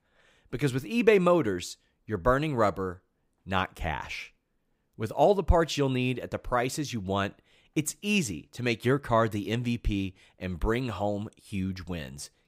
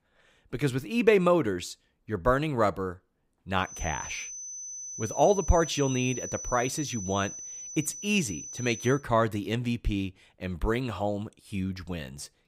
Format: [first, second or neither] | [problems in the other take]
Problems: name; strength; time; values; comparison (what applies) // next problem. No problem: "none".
first | high-pitched whine; loud; from 3.5 to 9 s; 6 kHz, 8 dB below the speech